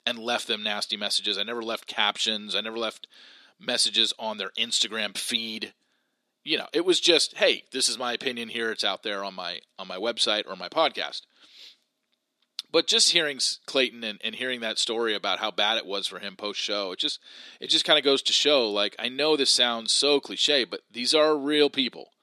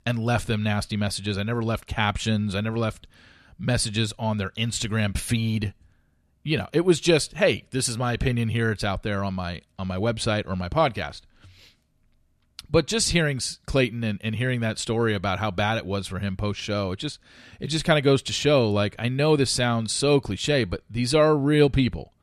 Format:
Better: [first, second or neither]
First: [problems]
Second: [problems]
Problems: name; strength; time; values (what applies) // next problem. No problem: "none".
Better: second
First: thin; somewhat; fading below 300 Hz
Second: none